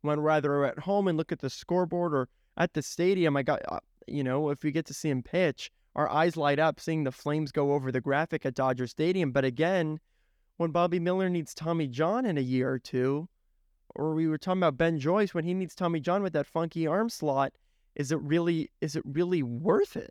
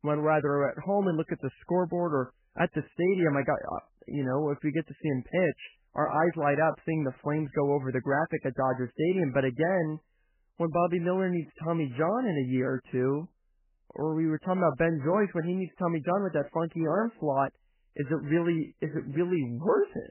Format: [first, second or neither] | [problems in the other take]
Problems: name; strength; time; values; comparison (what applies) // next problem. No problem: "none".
first | garbled, watery; badly; nothing above 3 kHz